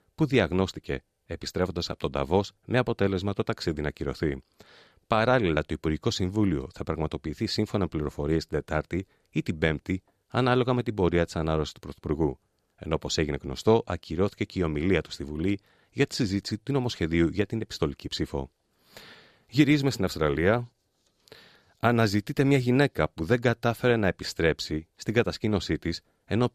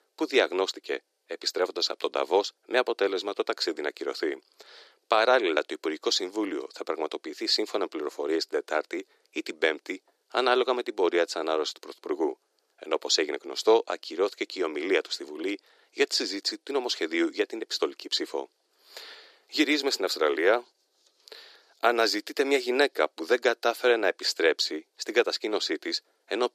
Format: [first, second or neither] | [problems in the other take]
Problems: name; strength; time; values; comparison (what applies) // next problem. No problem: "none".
first | thin; very; fading below 350 Hz